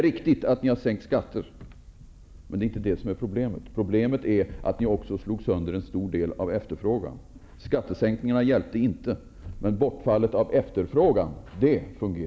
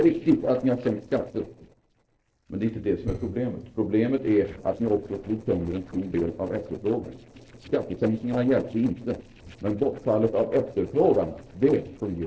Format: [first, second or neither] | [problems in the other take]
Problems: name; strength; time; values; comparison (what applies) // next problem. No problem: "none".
first | noise reduction (neural separator model SepFormer DNS4)